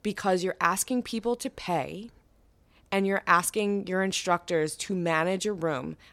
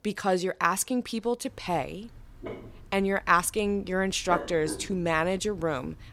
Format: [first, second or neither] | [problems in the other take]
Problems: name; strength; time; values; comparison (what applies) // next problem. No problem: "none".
first | dog barking; noticeable; from 1.5 s on; peak 7 dB below the speech